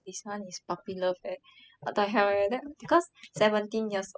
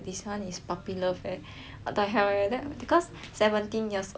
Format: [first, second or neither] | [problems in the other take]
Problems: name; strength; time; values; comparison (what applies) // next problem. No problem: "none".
second | noise reduction (classical method spectral subtraction)